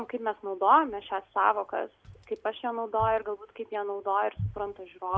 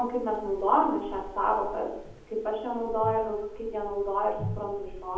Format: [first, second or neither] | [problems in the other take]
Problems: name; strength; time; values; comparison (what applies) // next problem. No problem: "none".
first | background sound (Wind); 16 dB below the speech // room echo; dies away in 0.8 s